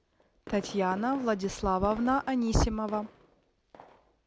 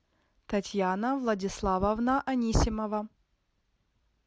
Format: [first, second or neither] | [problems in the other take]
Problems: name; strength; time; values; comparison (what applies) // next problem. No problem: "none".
second | background sound (Fireworks); 19 dB below the speech